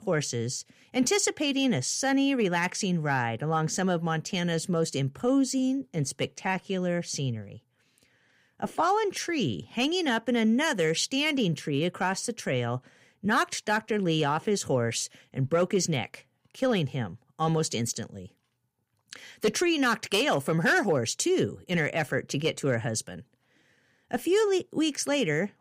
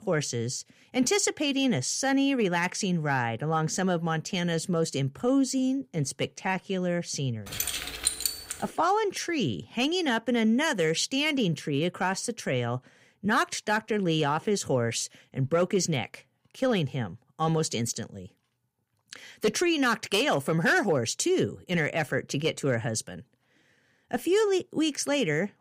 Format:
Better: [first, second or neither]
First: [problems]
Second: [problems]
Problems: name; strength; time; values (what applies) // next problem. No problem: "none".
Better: first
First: none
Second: jangling keys; loud; from 7.5 to 8.5 s; peak level with the speech